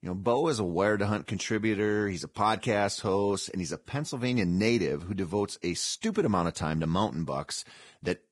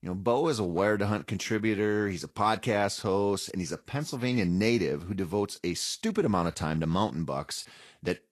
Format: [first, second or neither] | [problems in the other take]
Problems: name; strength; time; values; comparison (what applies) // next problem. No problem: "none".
second | garbled, watery; badly; nothing above 10.5 kHz; slightly in the second